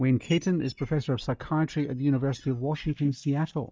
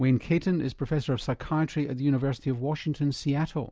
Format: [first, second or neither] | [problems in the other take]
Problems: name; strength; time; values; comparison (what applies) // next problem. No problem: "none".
second | noise reduction (neural mask model DeepFilterNet 3)